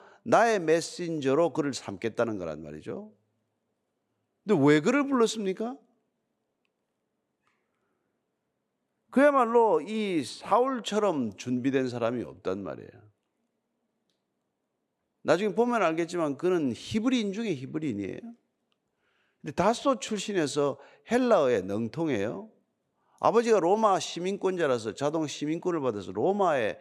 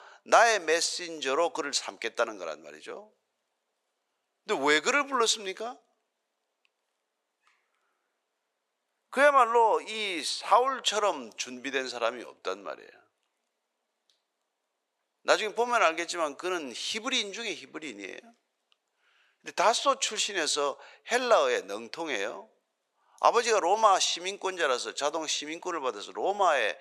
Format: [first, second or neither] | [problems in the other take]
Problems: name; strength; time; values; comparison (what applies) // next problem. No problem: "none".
first | thin; very; fading below 700 Hz